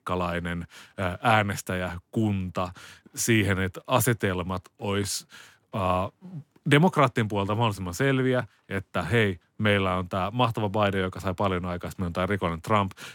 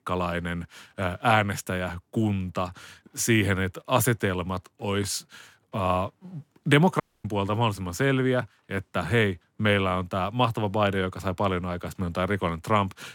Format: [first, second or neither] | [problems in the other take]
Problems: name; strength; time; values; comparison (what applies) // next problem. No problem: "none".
first | audio cutting out; at 7 s